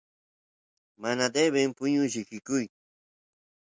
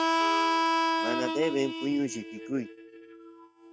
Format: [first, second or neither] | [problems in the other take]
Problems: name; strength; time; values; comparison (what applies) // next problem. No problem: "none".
first | noise reduction (neural mask model RNNoise)